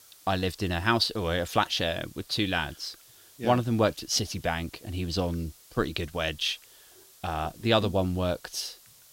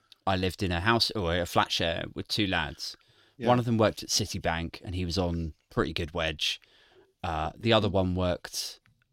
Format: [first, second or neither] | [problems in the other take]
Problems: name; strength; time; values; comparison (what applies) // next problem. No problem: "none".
second | hiss; faint; throughout; 25 dB below the speech